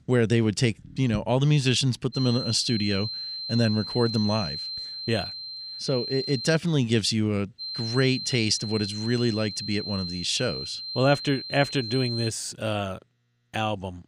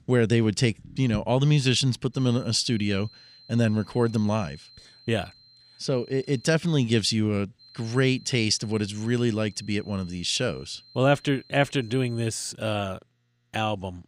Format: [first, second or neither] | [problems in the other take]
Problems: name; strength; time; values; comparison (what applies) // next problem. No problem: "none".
second | high-pitched whine; loud; from 2 to 6.5 s and from 7.5 to 12 s; 4 kHz, 6 dB below the speech; faint in the second